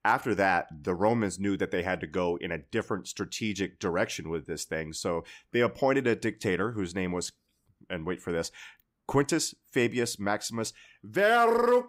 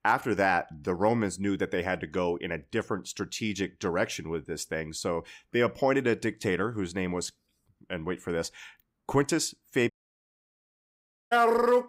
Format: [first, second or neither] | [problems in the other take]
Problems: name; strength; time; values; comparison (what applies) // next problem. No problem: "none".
first | audio cutting out; at 10 s for 1.5 s